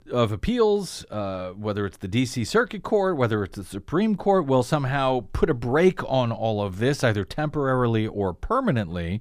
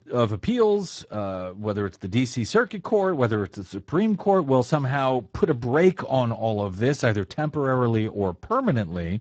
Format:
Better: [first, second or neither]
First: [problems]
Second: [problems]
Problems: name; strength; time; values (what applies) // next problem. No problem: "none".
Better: first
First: none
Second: garbled, watery; badly; nothing above 8 kHz